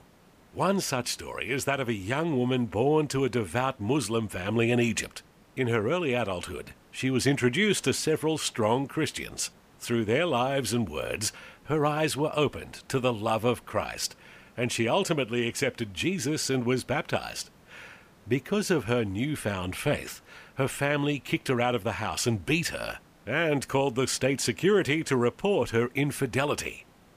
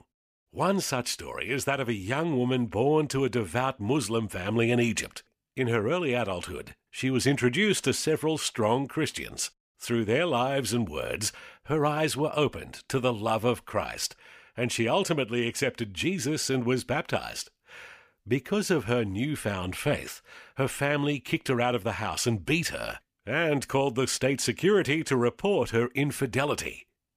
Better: second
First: hiss; faint; throughout; 30 dB below the speech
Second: none

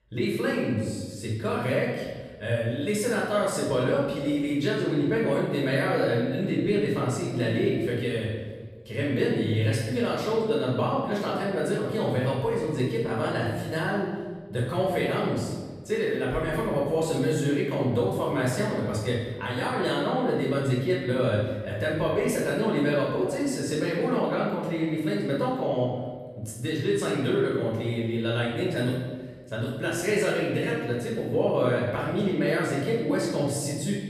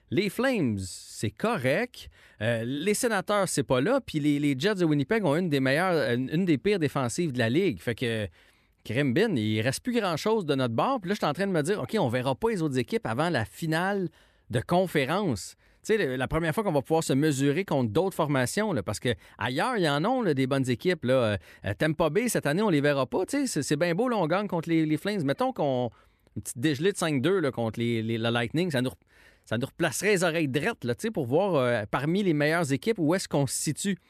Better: second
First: off-mic speech; far // room echo; noticeable; dies away in 1.2 s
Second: none

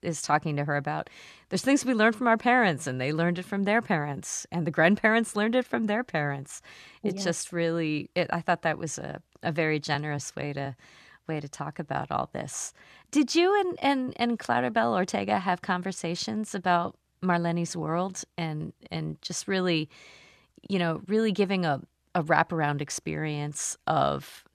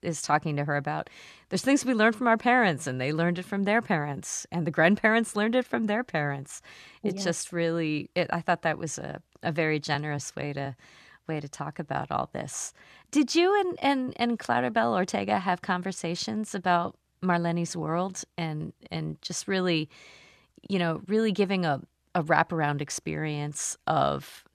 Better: neither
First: none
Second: none

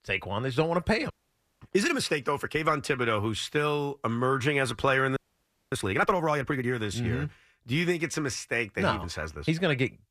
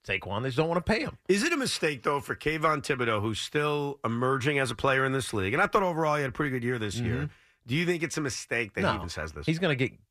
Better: second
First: audio freezing; at 1 s for 0.5 s and at 5 s for 0.5 s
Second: none

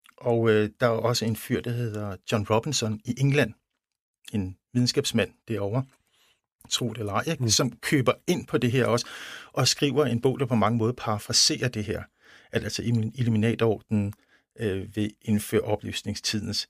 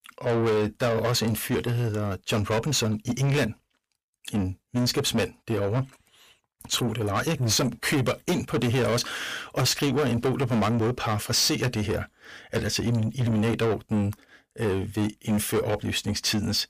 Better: first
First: none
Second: distortion; heavy; 7 dB below the speech

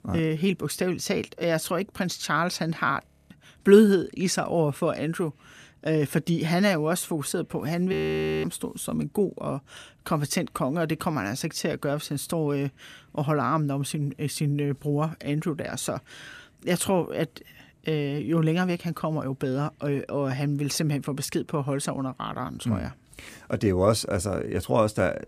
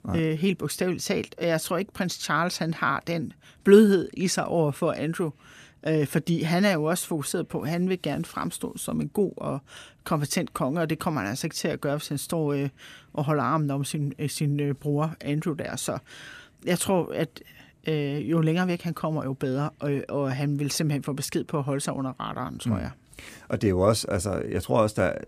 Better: second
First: audio freezing; at 3 s and at 8 s for 0.5 s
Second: none

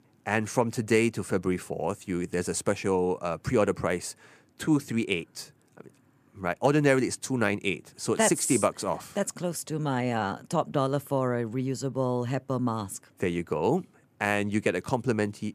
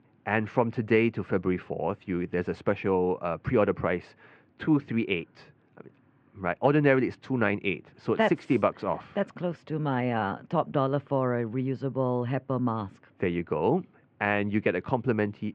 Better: first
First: none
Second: muffled; very; fading above 3 kHz

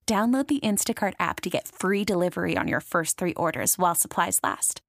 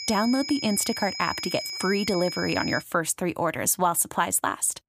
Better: first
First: none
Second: high-pitched whine; loud; until 3 s; 5 kHz, 7 dB below the speech

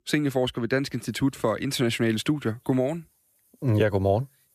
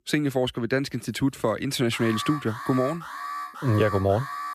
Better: first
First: none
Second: alarm; noticeable; from 2 s on; peak 7 dB below the speech

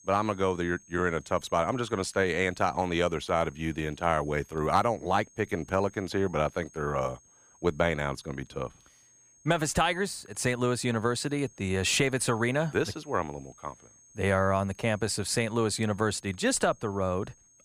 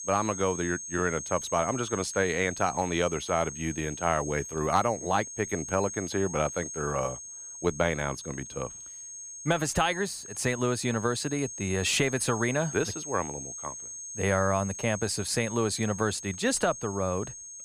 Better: first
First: high-pitched whine; faint; throughout; 6.5 kHz, 25 dB below the speech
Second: high-pitched whine; loud; throughout; 6.5 kHz, 9 dB below the speech

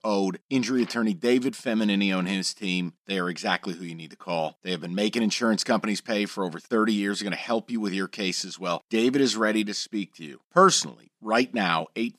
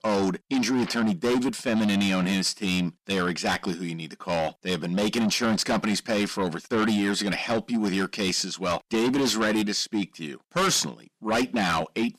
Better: first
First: none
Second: distortion; heavy; 6 dB below the speech

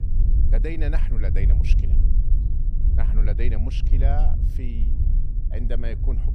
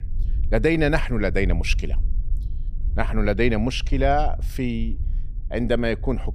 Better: second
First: low rumble; loud; throughout; 5 dB below the speech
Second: low rumble; faint; throughout; 25 dB below the speech

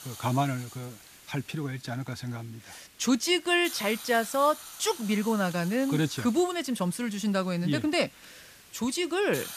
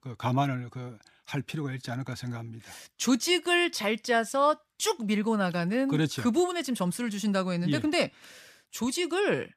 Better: second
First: hiss; noticeable; throughout; 15 dB below the speech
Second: none

